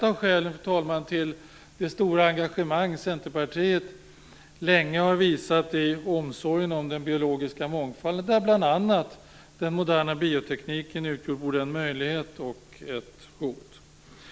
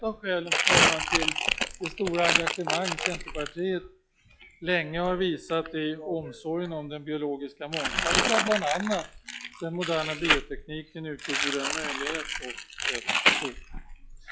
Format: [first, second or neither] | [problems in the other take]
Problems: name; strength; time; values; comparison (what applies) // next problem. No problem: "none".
first | noise reduction (classical method log-MMSE)